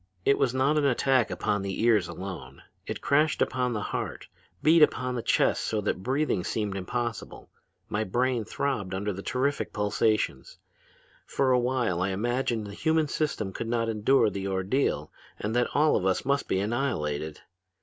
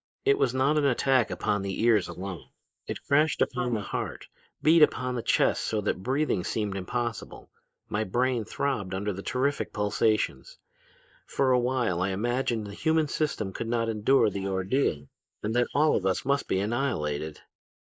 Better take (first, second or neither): first